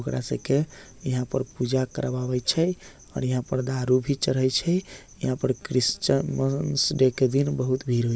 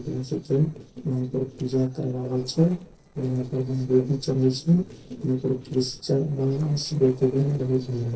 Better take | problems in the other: first | noise reduction (neural separator model SepFormer DNS4)

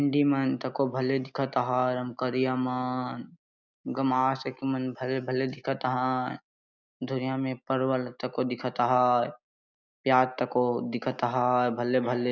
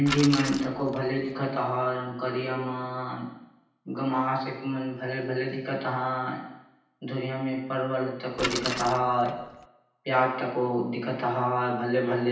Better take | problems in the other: first | background sound (Bicycle); 7 dB below the speech // room echo; dies away in 0.9 s

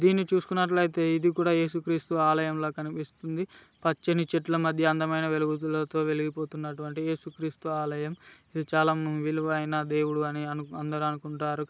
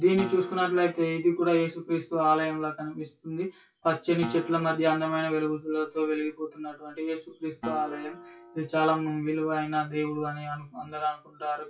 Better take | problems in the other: first | noise reduction (classical method WPE with log-MMSE)

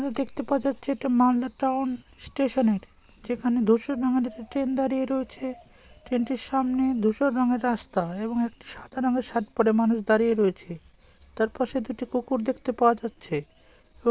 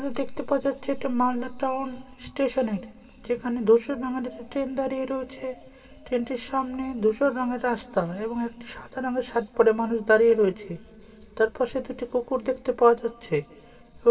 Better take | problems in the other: first | room echo; dies away in 2.8 s

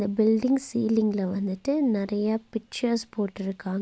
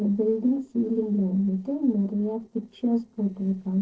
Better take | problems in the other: first | noise reduction (neural separator model SepFormer DNS4)

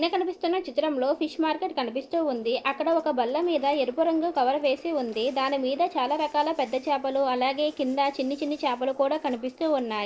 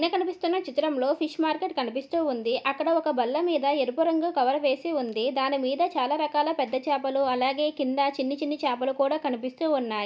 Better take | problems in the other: second | noise reduction (neural separator model SepFormer DNS4)

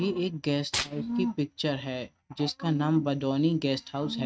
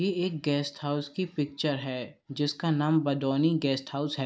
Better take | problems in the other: second | noise reduction (neural mask model RNNoise)

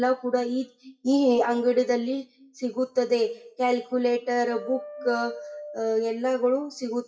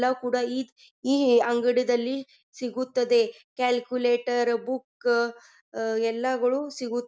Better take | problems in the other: second | noise reduction (classical method WPE with log-MMSE)

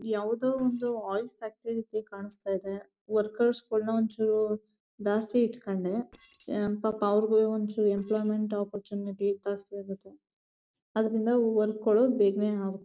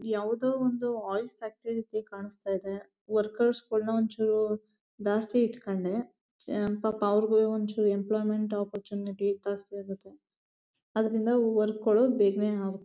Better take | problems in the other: second | noise reduction (neural separator model SepFormer DNS4)

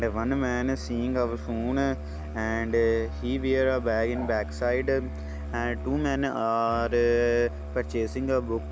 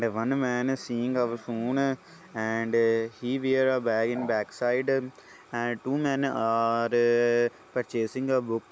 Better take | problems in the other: second | background sound (Musical instrument); 8 dB below the speech

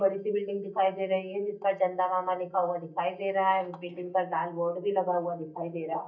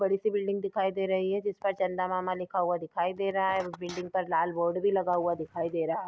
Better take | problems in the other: second | noise reduction (neural mask model DeepFilterNet 3)

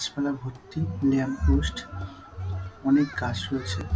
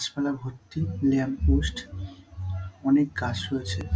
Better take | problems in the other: second | background sound (Human group actions); 19 dB below the speech

